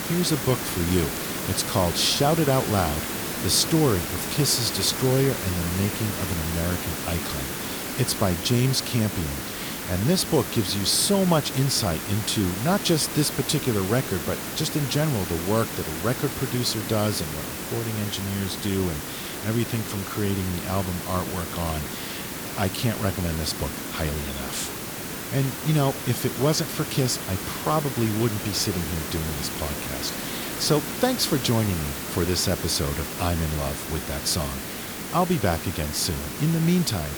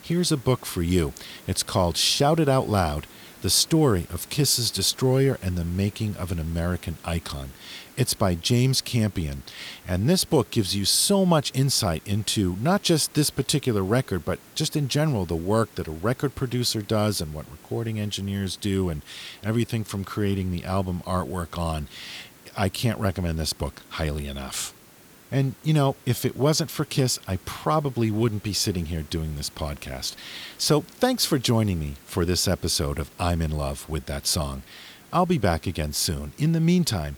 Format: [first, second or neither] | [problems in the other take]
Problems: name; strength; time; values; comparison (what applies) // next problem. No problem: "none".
second | hiss; loud; throughout; 5 dB below the speech; faint in the second